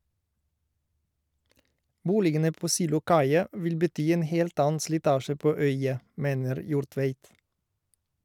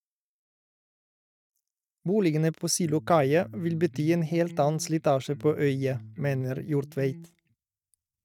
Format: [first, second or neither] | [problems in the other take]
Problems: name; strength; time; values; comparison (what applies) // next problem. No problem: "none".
first | noise reduction (neural mask model DeepFilterNet 3)